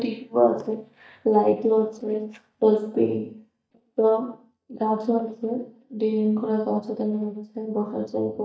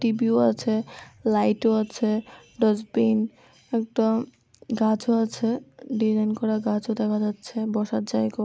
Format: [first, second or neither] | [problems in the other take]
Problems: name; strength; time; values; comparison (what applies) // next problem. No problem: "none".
second | noise reduction (neural mask model DeepFilterNet 3)